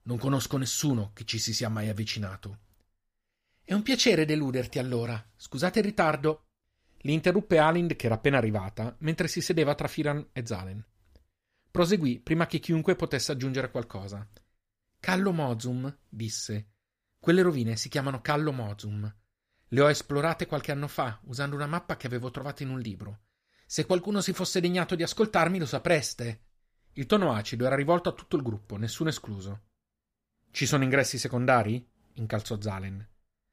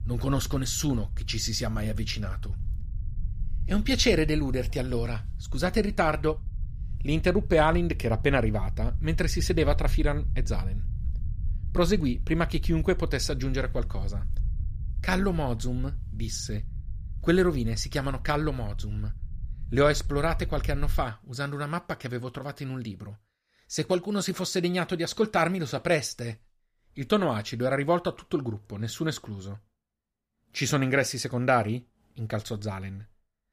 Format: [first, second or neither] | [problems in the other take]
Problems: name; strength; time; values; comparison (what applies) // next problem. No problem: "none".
first | low rumble; faint; until 21 s; 25 dB below the speech